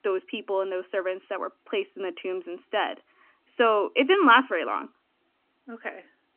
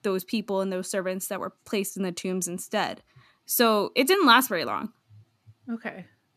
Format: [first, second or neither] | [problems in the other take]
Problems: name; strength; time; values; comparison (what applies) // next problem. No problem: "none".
second | phone-call audio; nothing above 3 kHz